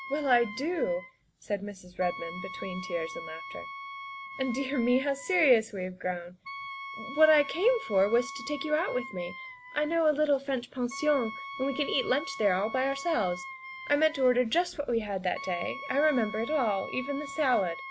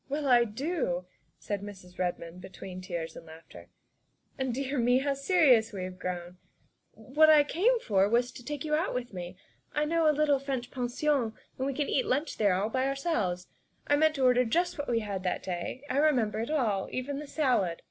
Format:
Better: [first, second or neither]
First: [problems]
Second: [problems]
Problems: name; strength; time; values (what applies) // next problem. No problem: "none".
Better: second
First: background sound (Wind instrument, woodwind instrument); 13 dB below the speech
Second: none